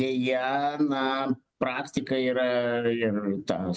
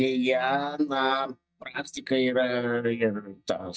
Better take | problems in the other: first | noise reduction (neural mask model DeepFilterNet 3)

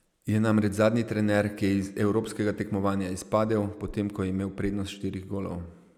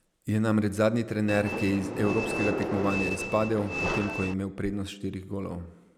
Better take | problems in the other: first | background sound (Train); 3 dB below the speech

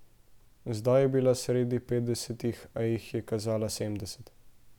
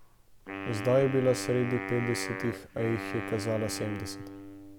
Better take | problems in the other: first | background sound (Wind instrument, woodwind instrument); 8 dB below the speech

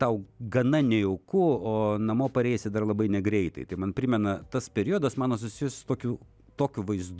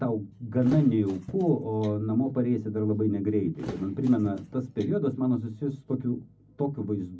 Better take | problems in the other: first | background sound (Thump, thud); 18 dB below the speech // room echo; dies away in 0.4 s

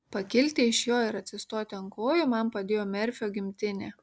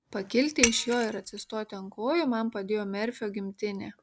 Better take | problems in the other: first | background sound (Shatter); 3 dB below the speech

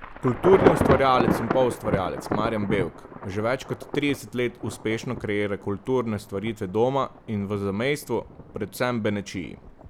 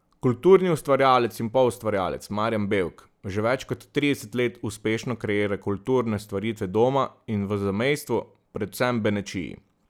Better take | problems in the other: second | background sound (Thunder / Traffic noise, roadway noise / Rain / Insect); 4 dB below the speech

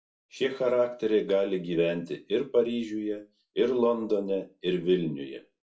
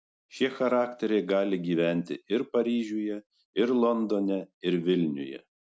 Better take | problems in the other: second | room echo; dies away in 0.2 s

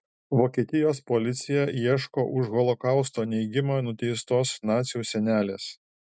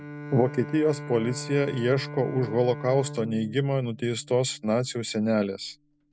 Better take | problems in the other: first | background sound (Bowed string instrument); 13 dB below the speech

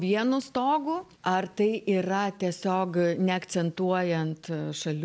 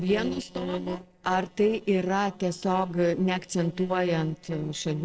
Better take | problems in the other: first | noise reduction (neural separator model SepFormer DNS4)

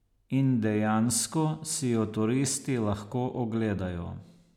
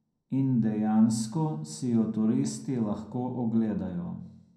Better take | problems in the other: first | room echo; dies away in 0.6 s

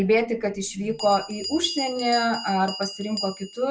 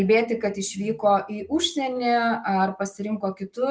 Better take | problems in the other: second | background sound (Bell); 11 dB below the speech

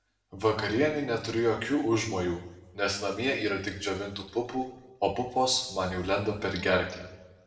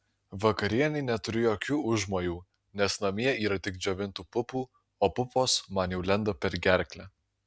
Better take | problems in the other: second | room echo; dies away in 0.8 s

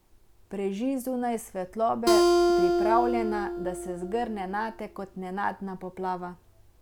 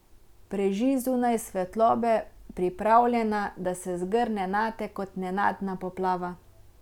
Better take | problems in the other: second | background sound (Acoustic guitar); 4 dB above the speech

